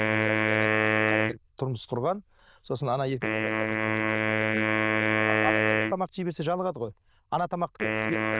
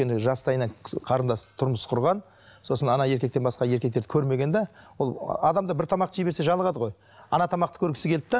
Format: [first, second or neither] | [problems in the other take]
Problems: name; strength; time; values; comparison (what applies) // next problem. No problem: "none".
second | noise reduction (neural diffusion model UNIVERSE++)